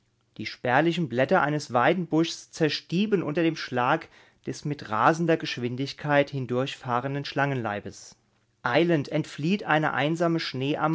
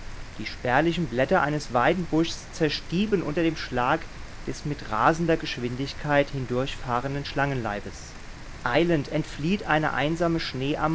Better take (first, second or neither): first